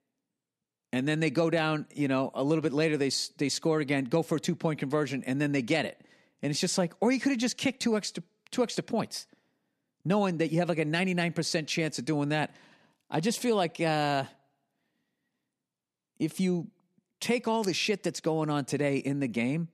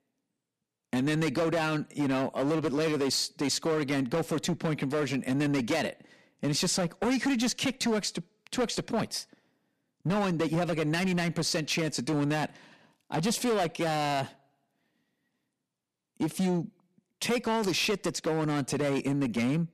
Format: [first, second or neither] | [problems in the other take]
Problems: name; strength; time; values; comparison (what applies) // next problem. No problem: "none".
first | distortion; heavy; 12% of the sound clipped